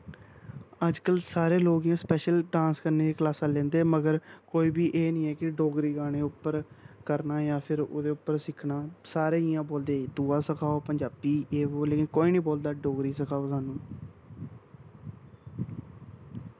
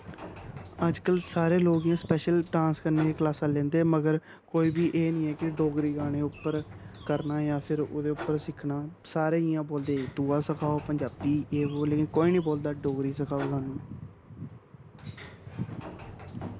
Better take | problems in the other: first | background sound (Sliding door); 17 dB below the speech

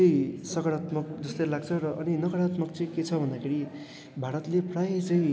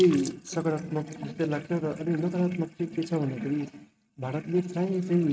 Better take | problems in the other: first | noise reduction (neural mask model RNNoise)

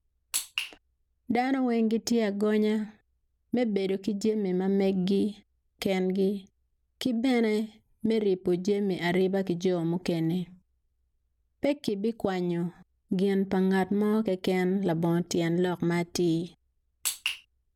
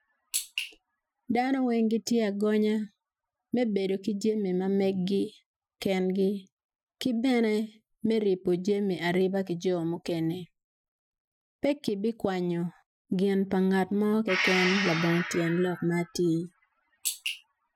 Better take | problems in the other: first | noise reduction (classical method Wiener filter)

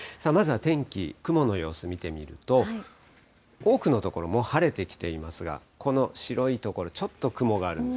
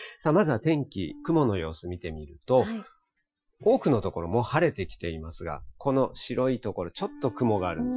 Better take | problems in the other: first | noise reduction (classical method Wiener filter)

